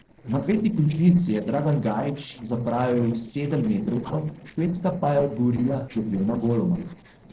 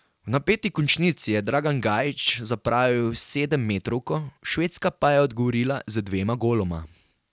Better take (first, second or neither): second